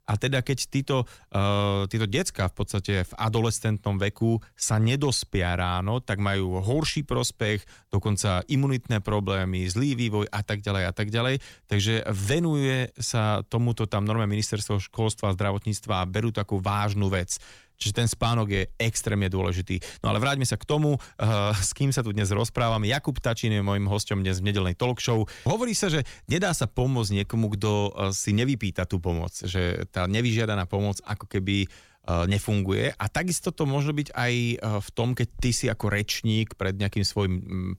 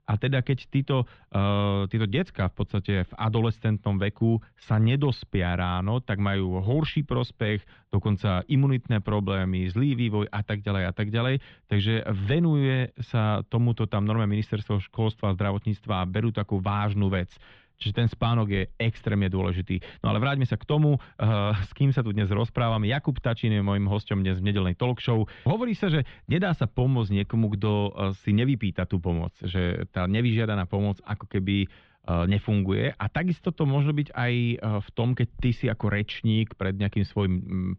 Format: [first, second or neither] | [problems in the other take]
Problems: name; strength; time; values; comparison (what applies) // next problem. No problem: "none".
first | muffled; very; fading above 3.5 kHz